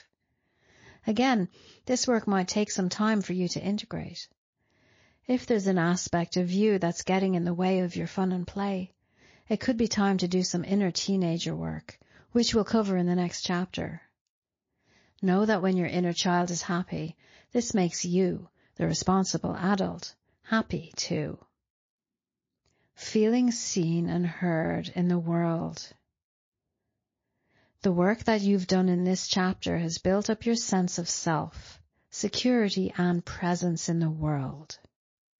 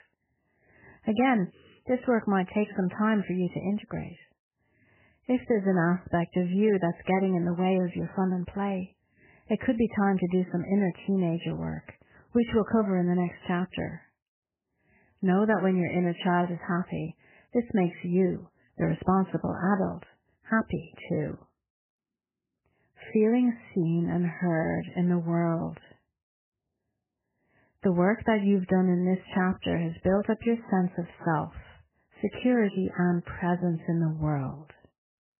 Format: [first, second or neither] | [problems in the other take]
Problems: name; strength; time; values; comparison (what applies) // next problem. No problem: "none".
first | garbled, watery; badly; nothing above 3 kHz; slightly in the first